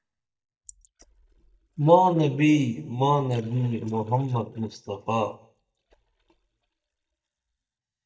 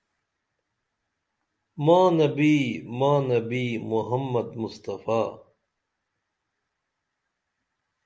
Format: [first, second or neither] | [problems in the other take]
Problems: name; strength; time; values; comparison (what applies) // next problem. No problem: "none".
second | noise reduction (neural mask model DeepFilterNet 3)